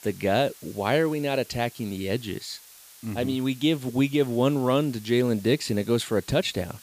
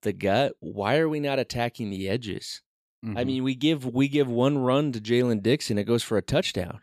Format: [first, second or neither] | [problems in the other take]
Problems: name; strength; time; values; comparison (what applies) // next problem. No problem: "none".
second | hiss; faint; throughout; 20 dB below the speech